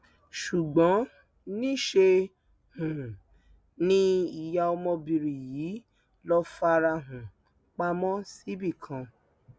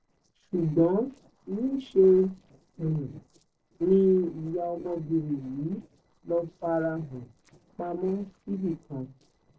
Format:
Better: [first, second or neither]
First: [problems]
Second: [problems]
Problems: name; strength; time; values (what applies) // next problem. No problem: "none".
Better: first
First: none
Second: noise reduction (neural separator model SepFormer DNS4)